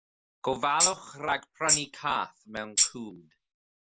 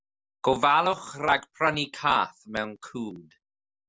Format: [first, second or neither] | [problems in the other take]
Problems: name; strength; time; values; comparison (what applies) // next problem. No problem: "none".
second | noise reduction (neural mask model Resemble Enhance denoiser)